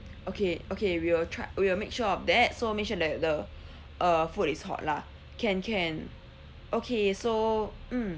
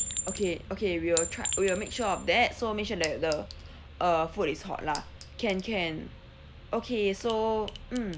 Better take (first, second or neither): first